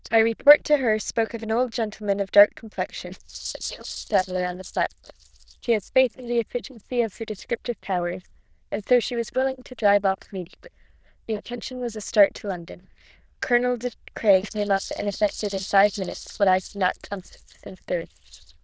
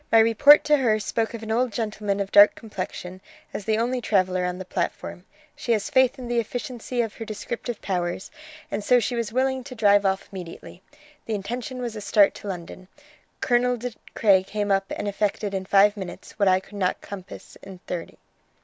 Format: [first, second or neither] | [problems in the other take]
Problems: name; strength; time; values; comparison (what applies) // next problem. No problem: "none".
second | noise reduction (neural diffusion model UNIVERSE++)